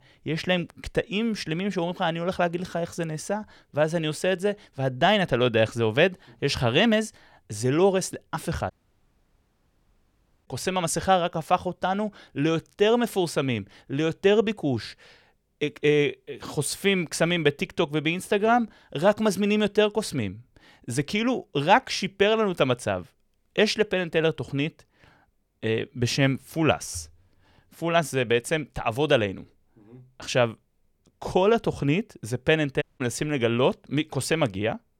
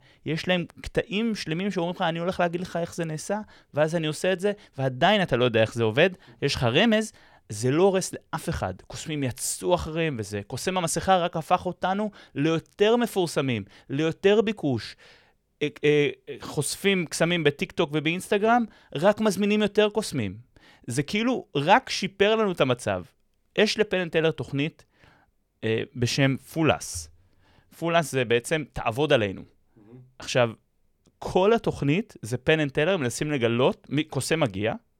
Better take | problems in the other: second | audio cutting out; at 8.5 s for 2 s and at 33 s

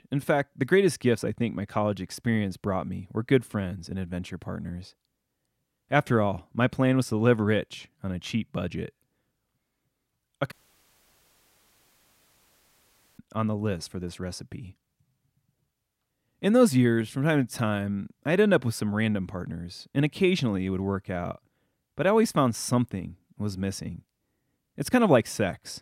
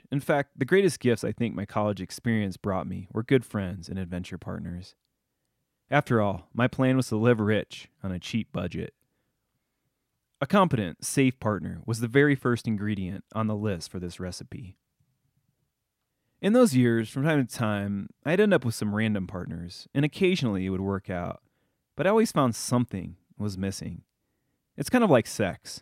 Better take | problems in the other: second | audio cutting out; at 11 s for 2.5 s

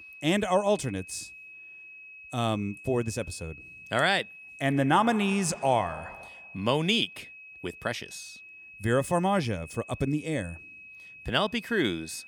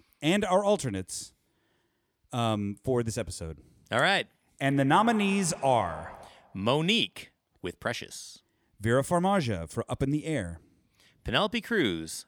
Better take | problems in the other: second | high-pitched whine; noticeable; throughout; 2.5 kHz, 15 dB below the speech

